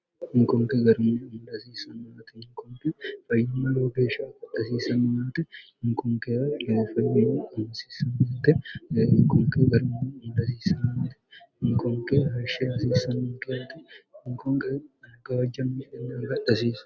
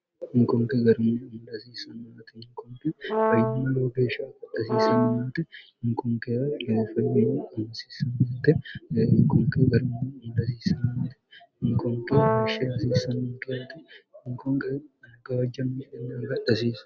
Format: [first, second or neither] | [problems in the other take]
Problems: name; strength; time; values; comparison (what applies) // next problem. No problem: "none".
first | background sound (Brass instrument); 1 dB below the speech